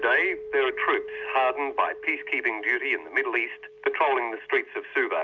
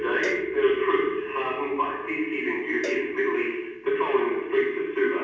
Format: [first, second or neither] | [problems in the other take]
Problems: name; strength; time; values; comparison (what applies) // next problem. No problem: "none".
first | background sound (Cowbell); 19 dB below the speech // room echo; dies away in 1.2 s